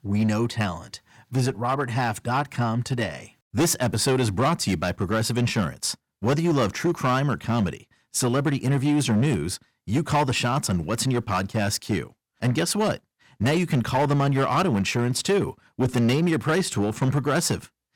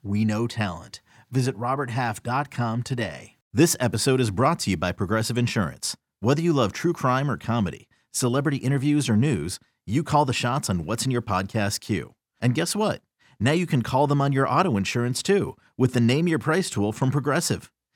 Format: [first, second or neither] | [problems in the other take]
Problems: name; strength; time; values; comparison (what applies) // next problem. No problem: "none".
second | distortion; slight; 8% of the sound clipped